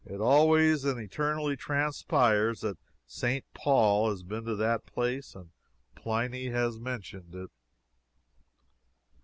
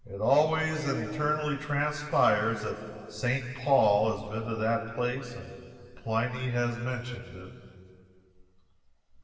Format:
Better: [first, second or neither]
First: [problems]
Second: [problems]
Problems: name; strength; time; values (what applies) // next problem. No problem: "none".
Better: first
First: none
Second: room echo; dies away in 2.4 s